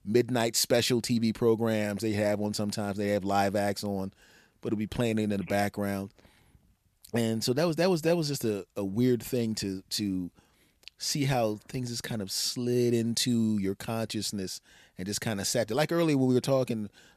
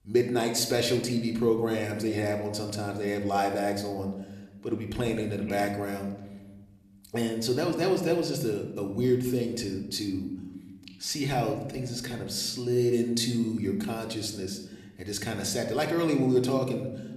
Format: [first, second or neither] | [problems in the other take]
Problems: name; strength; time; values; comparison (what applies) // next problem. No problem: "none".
first | room echo; slight; dies away in 0.9 s // off-mic speech; somewhat distant